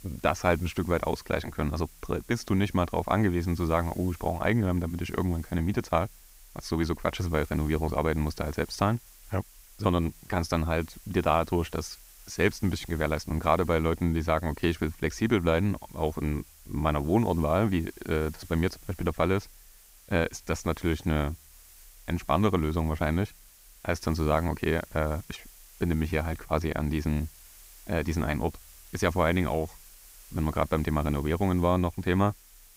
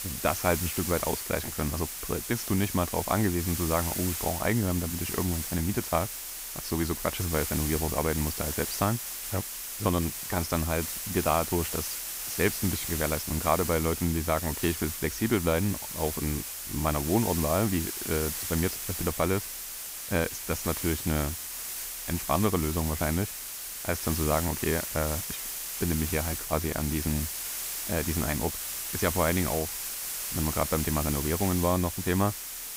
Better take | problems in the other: first | hiss; loud; throughout; 3 dB below the speech; faint in the first

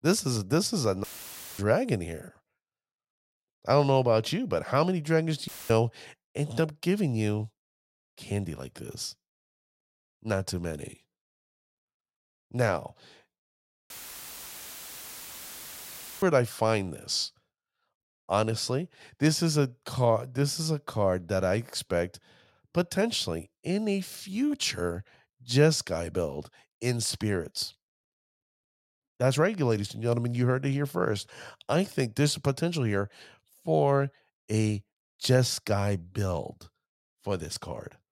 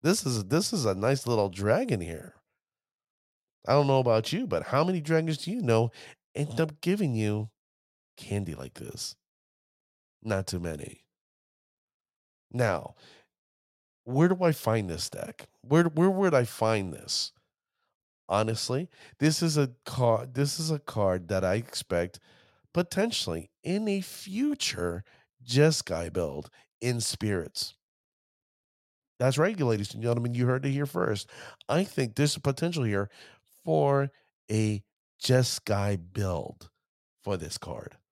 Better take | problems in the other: second | audio cutting out; filled with static; at 1 s for 0.5 s, at 5.5 s and at 14 s for 2.5 s

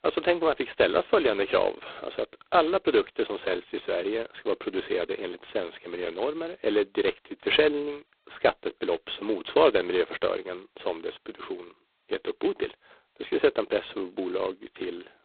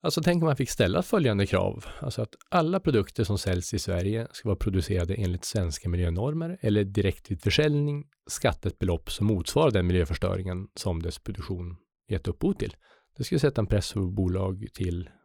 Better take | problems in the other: second | phone-call audio; poor line; nothing above 4 kHz

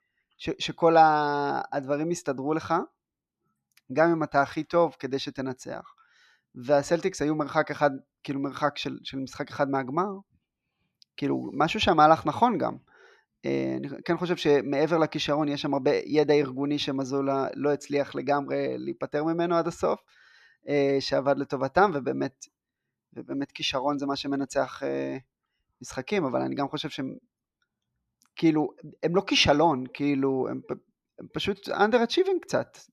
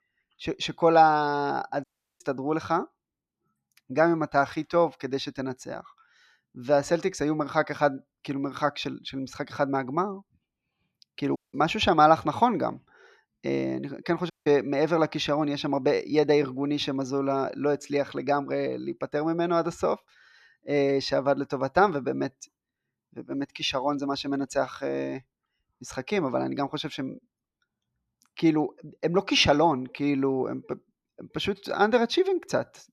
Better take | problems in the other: first | audio cutting out; at 2 s, at 11 s and at 14 s

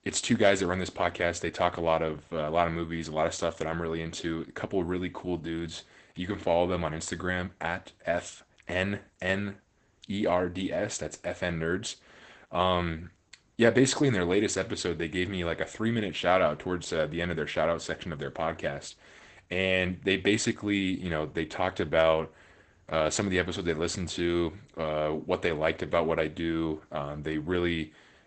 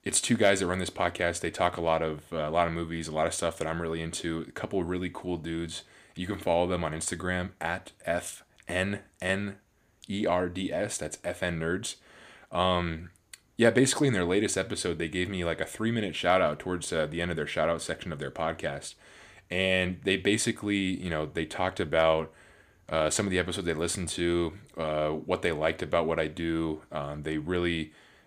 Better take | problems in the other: second | garbled, watery; badly; nothing above 8 kHz

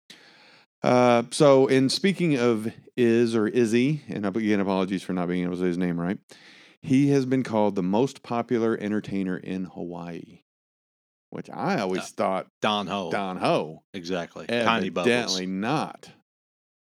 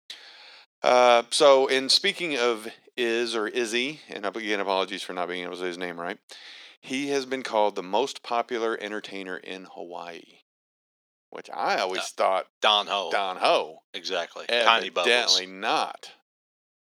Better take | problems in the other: first | thin; very; fading below 650 Hz

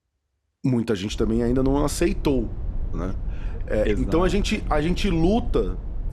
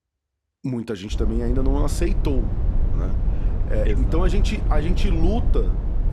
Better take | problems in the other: first | low rumble; loud; from 1 s on; 9 dB below the speech; faint in the first

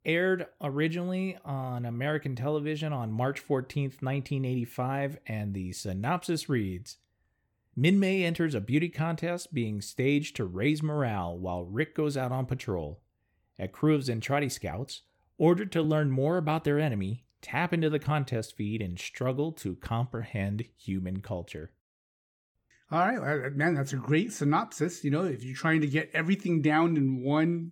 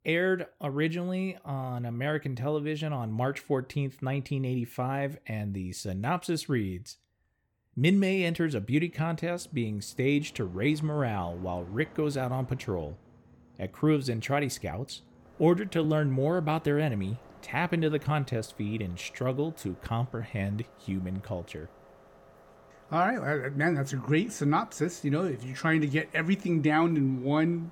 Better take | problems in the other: first | train or aircraft noise; faint; from 8.5 s on; 25 dB below the speech

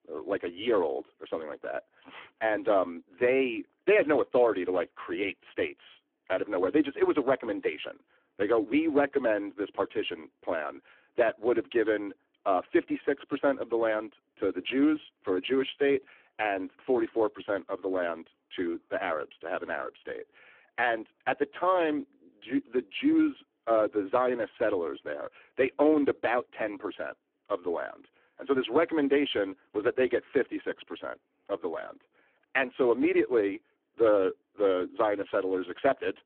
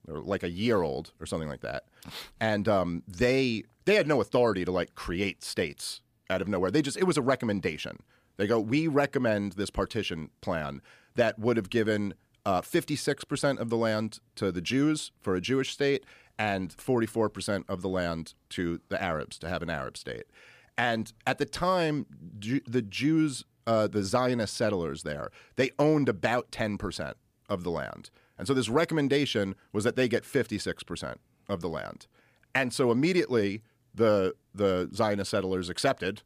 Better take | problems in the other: second | phone-call audio; poor line

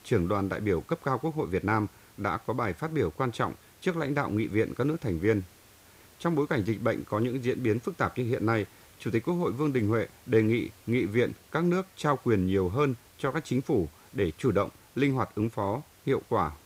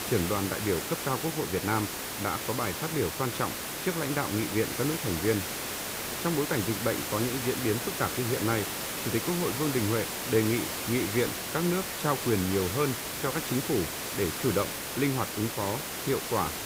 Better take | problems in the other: first | hiss; loud; throughout; 2 dB below the speech; faint in the first

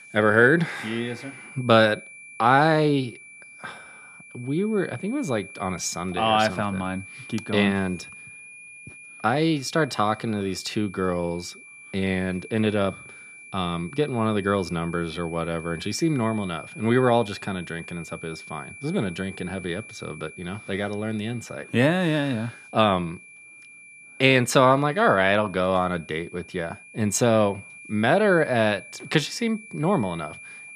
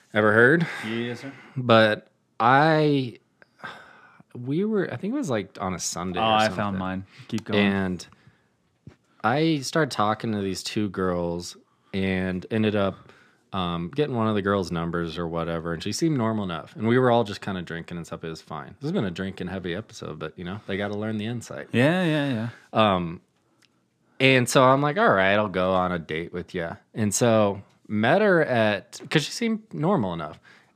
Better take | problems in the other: second | high-pitched whine; noticeable; throughout; 2.5 kHz, 20 dB below the speech

